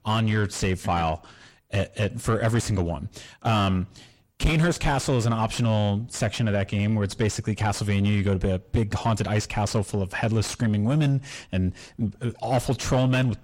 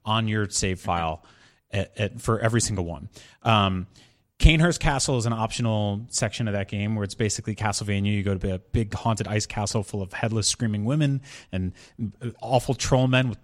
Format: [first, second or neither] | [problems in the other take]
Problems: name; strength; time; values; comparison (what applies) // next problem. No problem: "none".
second | distortion; heavy; 7 dB below the speech